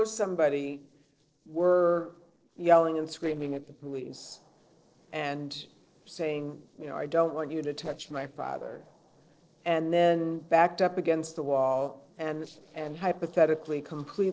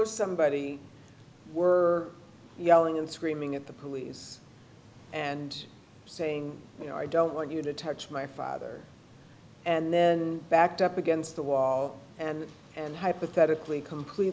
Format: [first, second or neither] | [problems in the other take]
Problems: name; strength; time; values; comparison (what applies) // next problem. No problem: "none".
second | noise reduction (neural separator model SepFormer DNS4)